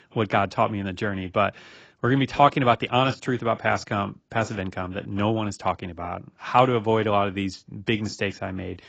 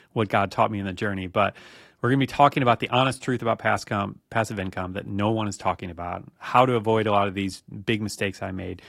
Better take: second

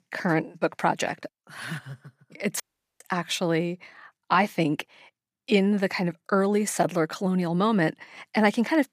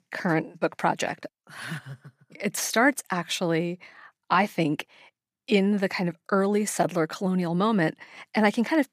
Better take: second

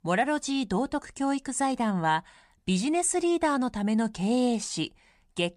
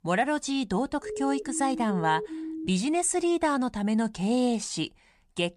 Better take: first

